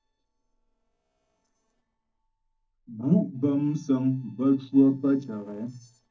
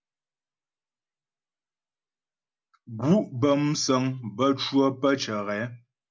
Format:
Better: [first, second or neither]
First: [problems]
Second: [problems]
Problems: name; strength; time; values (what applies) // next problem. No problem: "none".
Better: second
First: noise reduction (neural separator model SepFormer DNS4)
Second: none